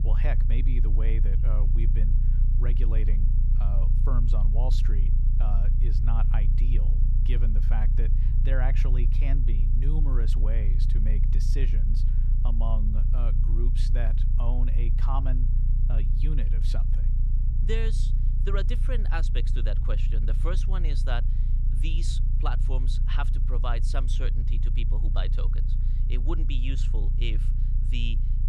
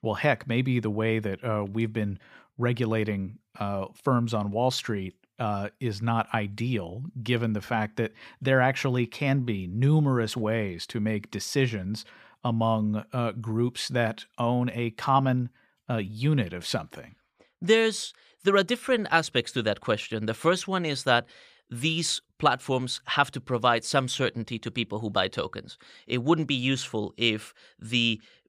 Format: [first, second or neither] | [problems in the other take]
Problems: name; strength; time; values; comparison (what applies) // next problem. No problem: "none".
second | low rumble; loud; throughout; 6 dB below the speech